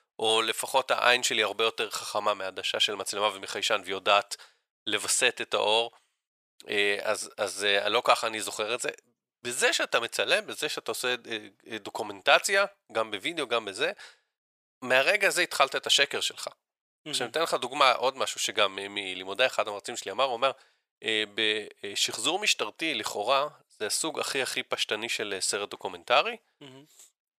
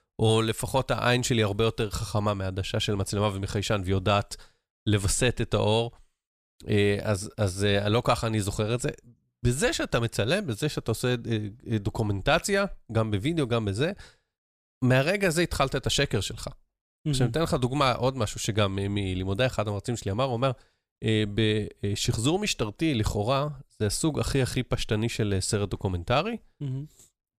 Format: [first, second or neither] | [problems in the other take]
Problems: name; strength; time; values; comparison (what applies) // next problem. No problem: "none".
second | thin; very; fading below 650 Hz